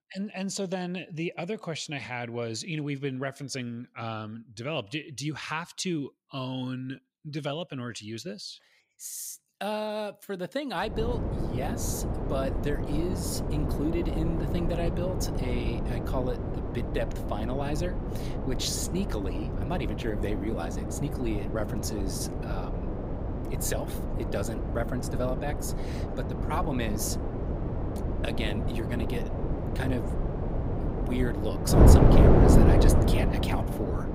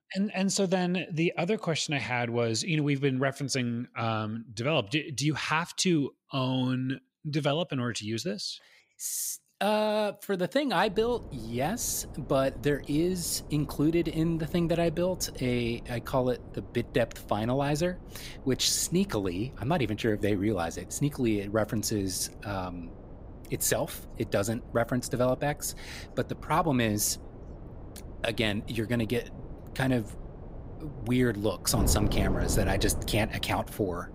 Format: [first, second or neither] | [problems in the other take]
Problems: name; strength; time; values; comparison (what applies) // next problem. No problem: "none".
second | wind noise on the microphone; heavy; from 11 s on; 1 dB above the speech; occasional gusts in the second